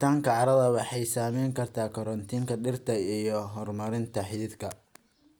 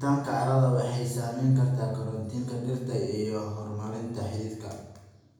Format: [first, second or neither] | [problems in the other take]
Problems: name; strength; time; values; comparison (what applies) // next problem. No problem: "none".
first | room echo; dies away in 0.9 s